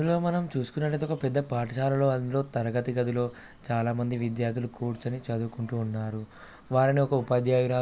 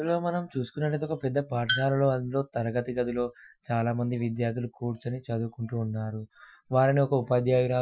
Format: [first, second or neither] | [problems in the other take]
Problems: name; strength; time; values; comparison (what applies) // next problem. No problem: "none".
first | noise reduction (classical method Wiener filter)